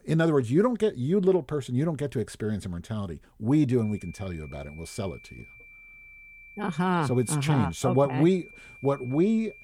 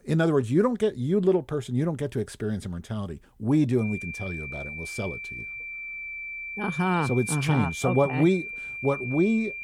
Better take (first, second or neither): first